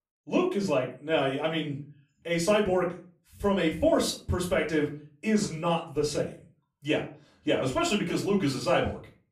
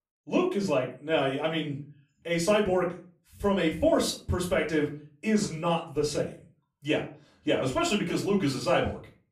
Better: neither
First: off-mic speech; far // room echo; slight; dies away in 0.3 s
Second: off-mic speech; far // room echo; slight; dies away in 0.3 s

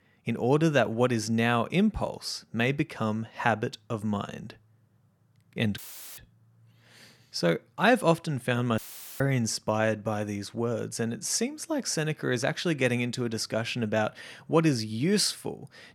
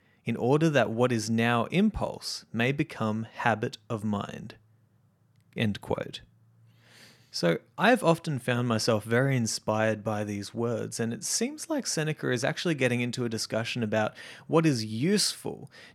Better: second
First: audio cutting out; filled with static; at 6 s and at 9 s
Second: none

